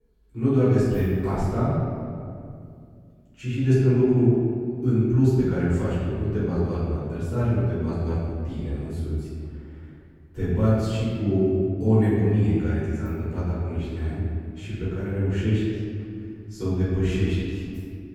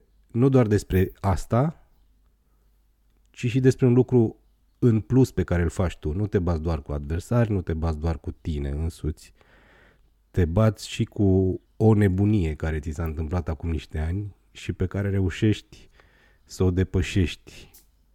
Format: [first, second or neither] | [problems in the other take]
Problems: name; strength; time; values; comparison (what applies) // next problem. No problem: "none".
second | room echo; strong; dies away in 2.2 s // off-mic speech; far